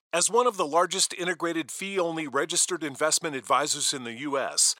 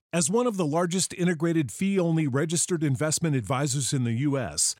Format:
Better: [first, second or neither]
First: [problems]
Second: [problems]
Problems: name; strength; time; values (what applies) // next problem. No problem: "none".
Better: second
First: thin; very; fading below 550 Hz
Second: none